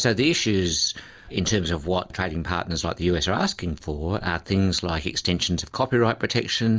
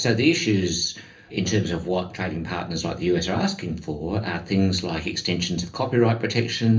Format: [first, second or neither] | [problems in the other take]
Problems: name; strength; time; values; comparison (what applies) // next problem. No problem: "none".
first | room echo; dies away in 0.3 s